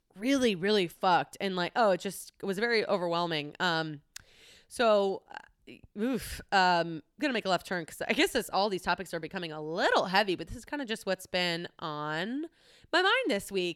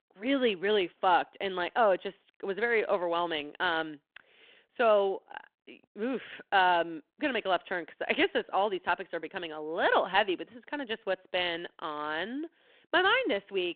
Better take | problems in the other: first | phone-call audio

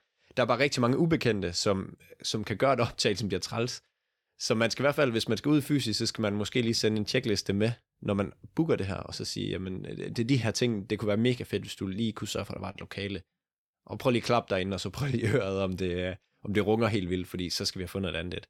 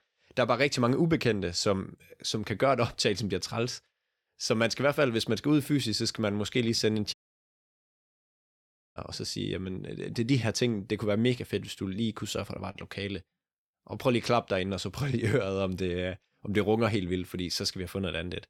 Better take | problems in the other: first | audio cutting out; at 7 s for 2 s

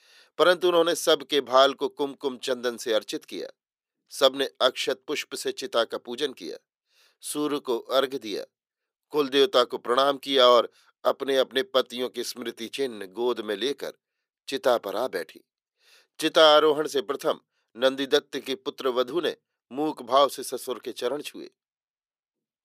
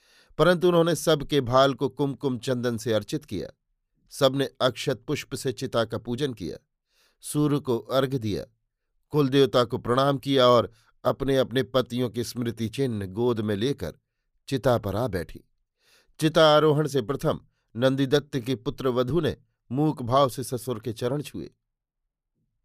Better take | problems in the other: second | thin; somewhat; fading below 350 Hz

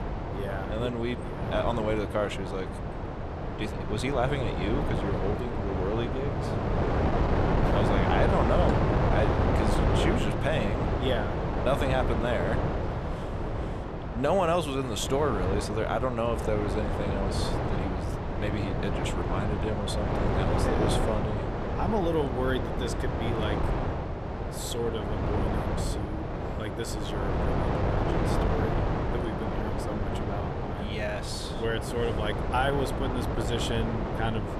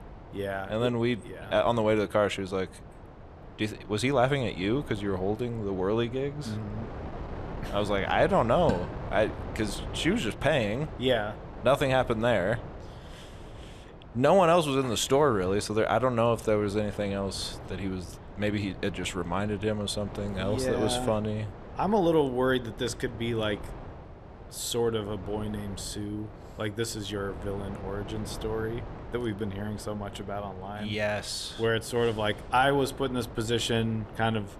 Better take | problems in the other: second | wind noise on the microphone; heavy; as loud as the speech; occasional gusts in the second

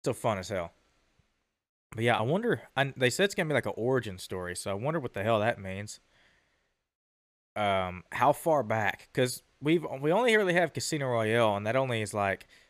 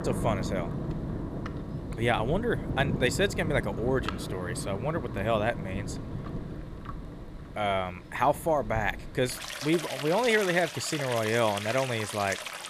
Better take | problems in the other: first | rain or running water; loud; throughout; 7 dB below the speech

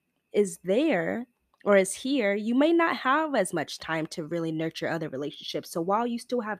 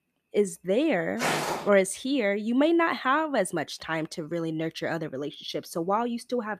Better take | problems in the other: first | footsteps; loud; at 1 s; peak level with the speech

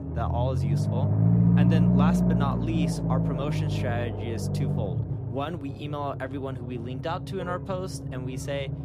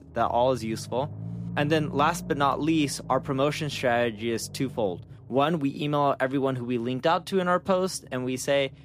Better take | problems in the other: second | low rumble; loud; throughout; 1 dB below the speech; faint in the second

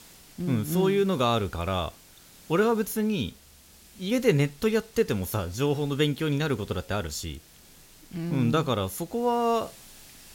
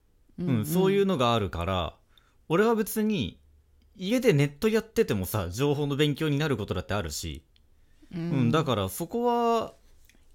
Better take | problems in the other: second | hiss; faint; throughout; 25 dB below the speech

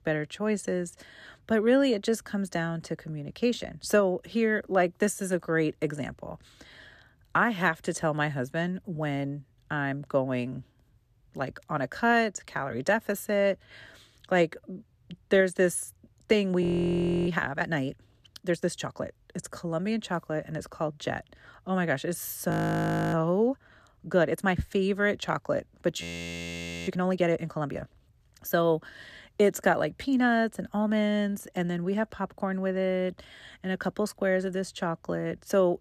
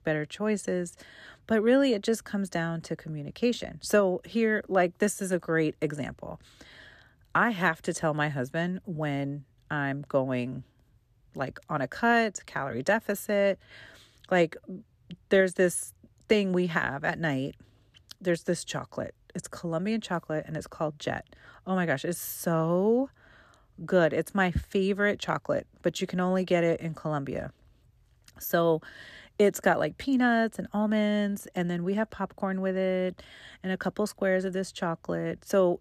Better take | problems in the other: second | audio freezing; at 17 s for 0.5 s, at 23 s for 0.5 s and at 26 s for 1 s

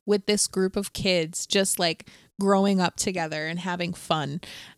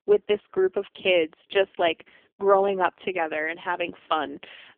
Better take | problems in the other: first | phone-call audio; poor line; nothing above 3 kHz

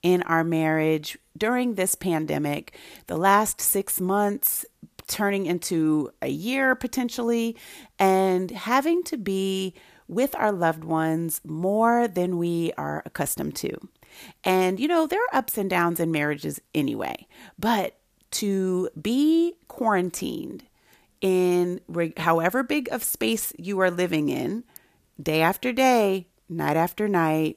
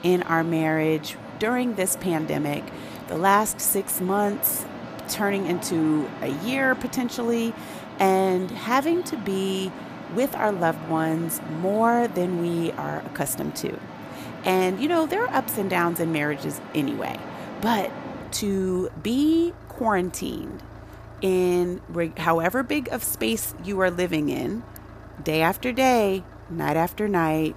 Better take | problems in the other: first | traffic noise; noticeable; throughout; 15 dB below the speech

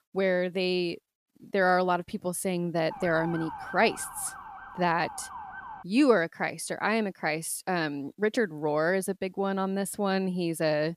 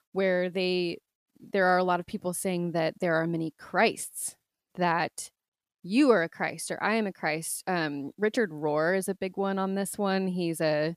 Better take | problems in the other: second | siren; noticeable; from 3 to 6 s; peak 10 dB below the speech

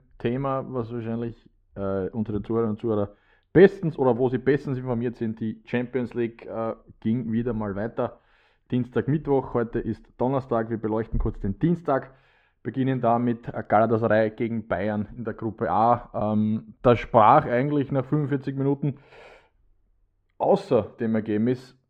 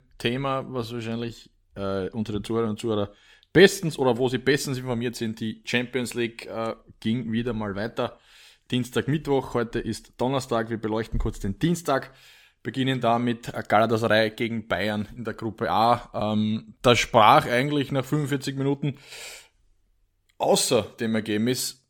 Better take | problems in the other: second | muffled; very; fading above 3.5 kHz

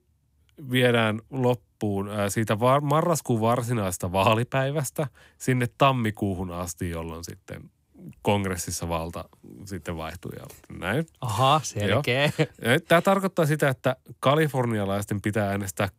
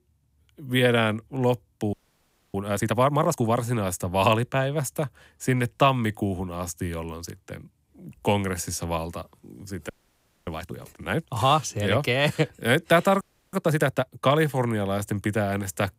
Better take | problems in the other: first | audio freezing; at 2 s for 0.5 s, at 10 s for 0.5 s and at 13 s

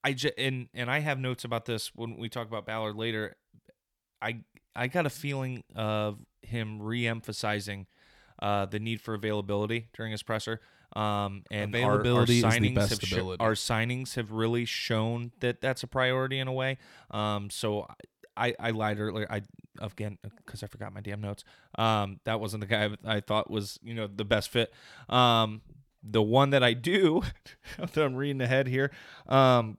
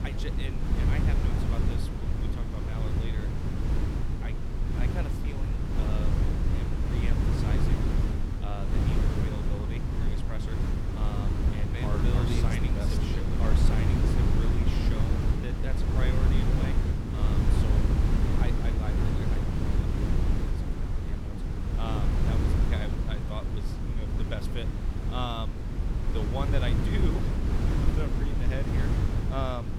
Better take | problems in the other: first | wind noise on the microphone; heavy; 2 dB above the speech

